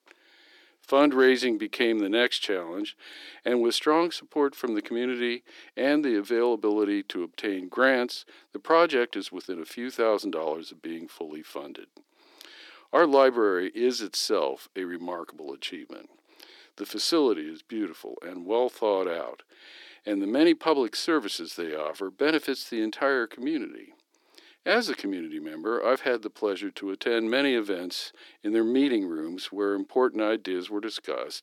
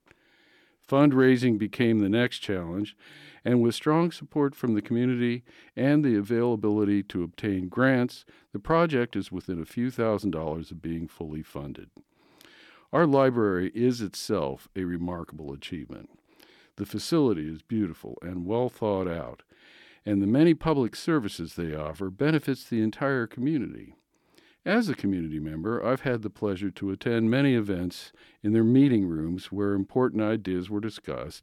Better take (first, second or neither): second